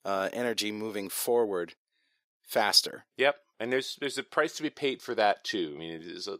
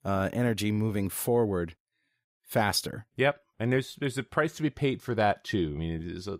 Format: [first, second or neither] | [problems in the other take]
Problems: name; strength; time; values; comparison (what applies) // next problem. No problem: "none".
second | thin; somewhat; fading below 400 Hz